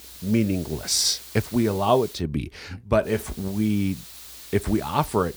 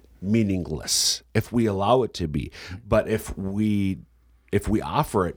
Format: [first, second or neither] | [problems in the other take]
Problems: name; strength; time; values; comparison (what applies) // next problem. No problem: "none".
second | hiss; noticeable; until 2 s and from 3 s on; 15 dB below the speech